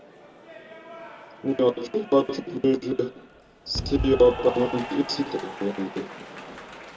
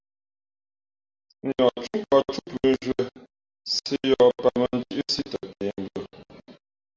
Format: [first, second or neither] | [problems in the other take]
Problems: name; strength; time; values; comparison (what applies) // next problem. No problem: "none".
second | background sound (Applause / Cheering); 11 dB below the speech // room echo; dies away in 0.2 s